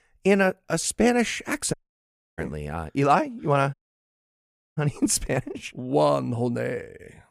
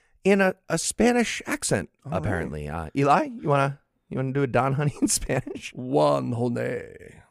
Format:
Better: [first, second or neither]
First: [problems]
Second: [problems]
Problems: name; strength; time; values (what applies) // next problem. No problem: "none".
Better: second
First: audio cutting out; at 1.5 s for 0.5 s and at 3.5 s for 1 s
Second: none